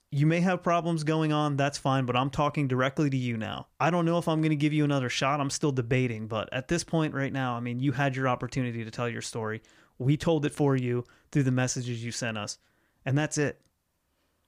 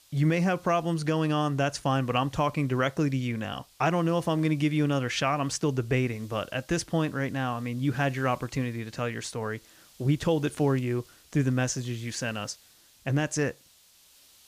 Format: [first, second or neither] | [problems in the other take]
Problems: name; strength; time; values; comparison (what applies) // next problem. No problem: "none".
first | hiss; faint; throughout; 25 dB below the speech